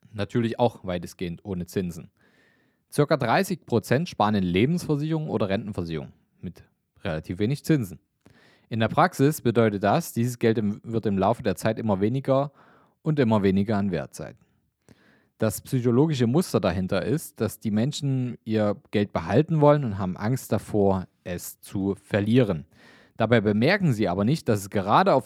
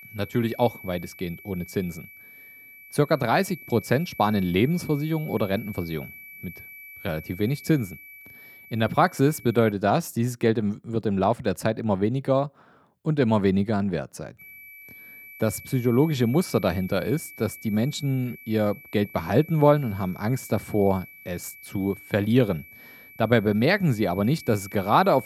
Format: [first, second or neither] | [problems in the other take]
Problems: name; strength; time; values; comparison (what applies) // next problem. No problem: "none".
first | high-pitched whine; noticeable; until 9.5 s and from 14 s on; 2.5 kHz, 20 dB below the speech